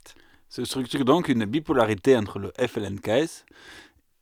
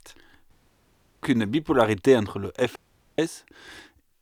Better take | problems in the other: first | audio cutting out; at 0.5 s for 0.5 s and at 3 s

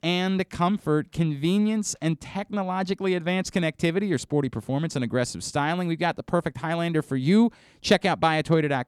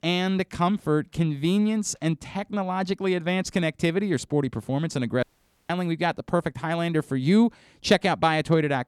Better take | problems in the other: first | audio cutting out; at 5 s

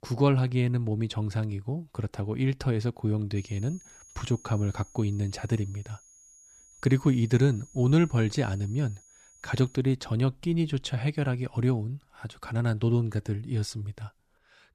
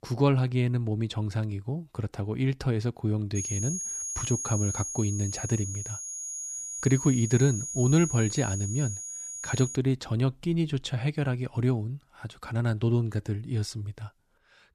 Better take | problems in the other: first | high-pitched whine; loud; from 3.5 to 10 s; 6.5 kHz, 5 dB below the speech; faint in the first

